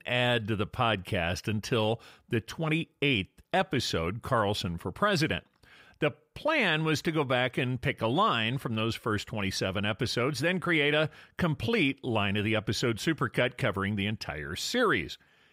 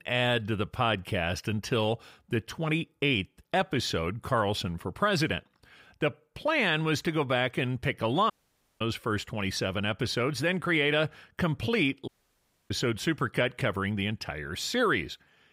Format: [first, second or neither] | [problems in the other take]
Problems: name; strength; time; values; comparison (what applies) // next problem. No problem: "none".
first | audio cutting out; at 8.5 s for 0.5 s and at 12 s for 0.5 s